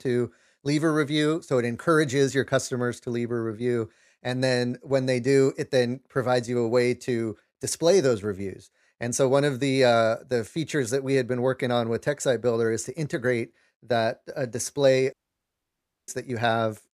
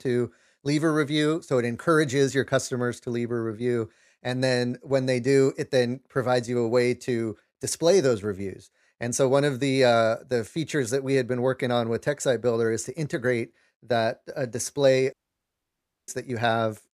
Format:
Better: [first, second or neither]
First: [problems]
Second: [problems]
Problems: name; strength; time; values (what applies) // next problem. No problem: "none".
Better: neither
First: audio cutting out; at 15 s for 1 s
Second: audio cutting out; at 15 s for 1 s